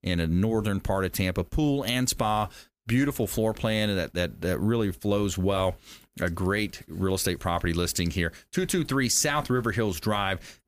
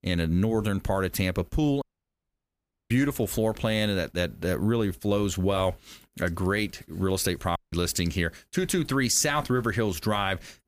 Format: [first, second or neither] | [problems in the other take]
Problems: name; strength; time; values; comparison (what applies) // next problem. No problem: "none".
first | audio cutting out; at 2 s for 1 s and at 7.5 s